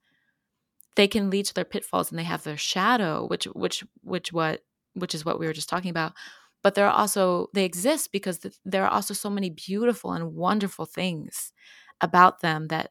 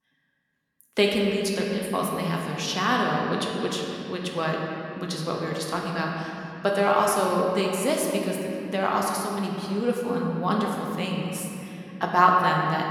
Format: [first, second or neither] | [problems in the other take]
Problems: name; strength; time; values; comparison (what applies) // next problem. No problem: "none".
first | room echo; noticeable; dies away in 3 s // off-mic speech; somewhat distant